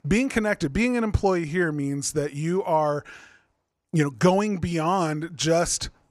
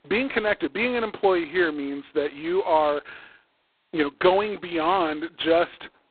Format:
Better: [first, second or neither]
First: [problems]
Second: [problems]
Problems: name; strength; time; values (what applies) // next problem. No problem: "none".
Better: first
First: none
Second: phone-call audio; poor line; nothing above 4 kHz